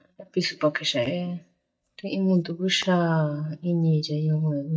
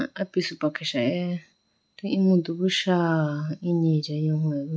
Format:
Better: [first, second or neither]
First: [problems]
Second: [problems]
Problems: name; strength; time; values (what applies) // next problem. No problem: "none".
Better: second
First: noise reduction (neural mask model DeepFilterNet 3)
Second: none